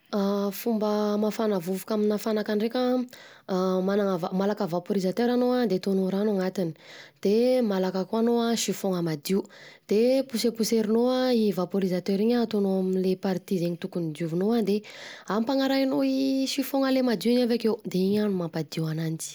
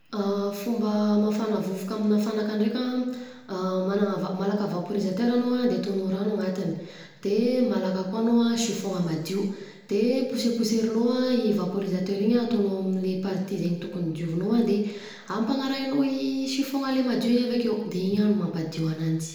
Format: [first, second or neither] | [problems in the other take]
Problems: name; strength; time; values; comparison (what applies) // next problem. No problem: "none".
first | room echo; dies away in 1 s